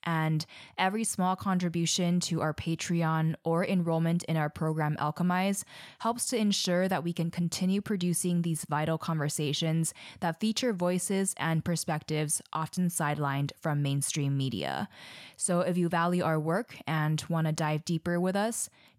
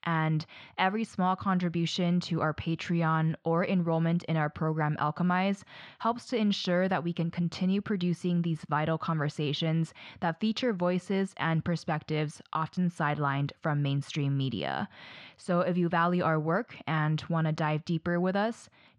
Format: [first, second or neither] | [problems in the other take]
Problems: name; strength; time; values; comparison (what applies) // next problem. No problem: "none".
first | muffled; slightly; fading above 4 kHz